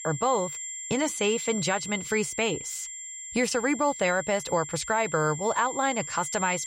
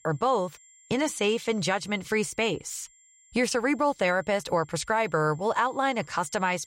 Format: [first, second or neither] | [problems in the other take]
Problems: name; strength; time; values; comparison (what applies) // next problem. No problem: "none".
second | high-pitched whine; loud; throughout; 7.5 kHz, 8 dB below the speech; faint in the second